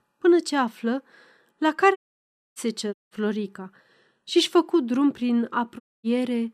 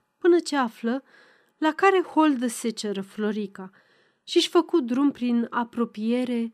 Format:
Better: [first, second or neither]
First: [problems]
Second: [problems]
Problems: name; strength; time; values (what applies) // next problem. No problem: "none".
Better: second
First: audio cutting out; at 2 s for 0.5 s, at 3 s and at 6 s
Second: none